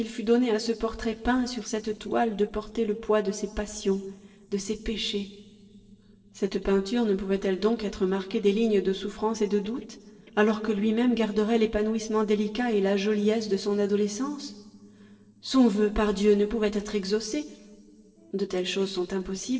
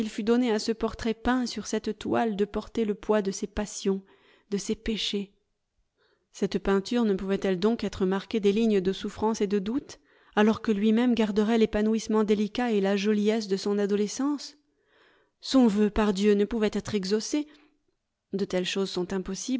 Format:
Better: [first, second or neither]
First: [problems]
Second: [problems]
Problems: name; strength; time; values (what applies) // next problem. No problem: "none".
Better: second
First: noise reduction (neural separator model SepFormer DNS4)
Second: none